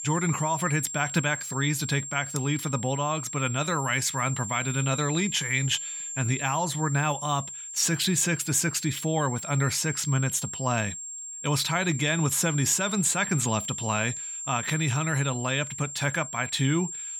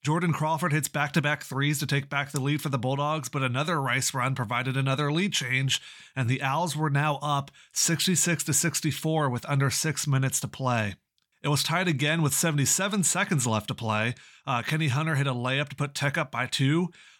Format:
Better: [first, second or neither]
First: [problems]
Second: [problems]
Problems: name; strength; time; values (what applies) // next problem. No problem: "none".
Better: second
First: high-pitched whine; loud; throughout; 7.5 kHz, 7 dB below the speech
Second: none